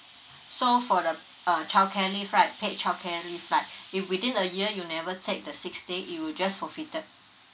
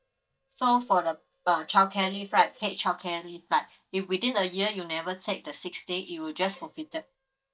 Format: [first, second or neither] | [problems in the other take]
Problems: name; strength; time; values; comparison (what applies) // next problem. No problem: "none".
first | noise reduction (neural mask model DeepFilterNet 3)